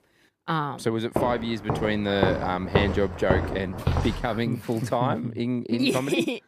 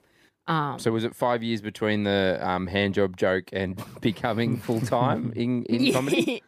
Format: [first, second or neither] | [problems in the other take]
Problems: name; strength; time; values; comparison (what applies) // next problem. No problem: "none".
second | footsteps; loud; from 1 to 4 s; peak level with the speech